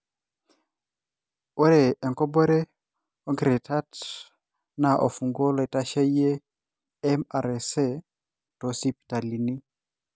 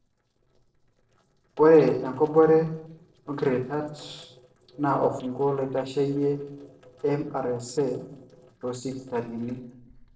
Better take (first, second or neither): first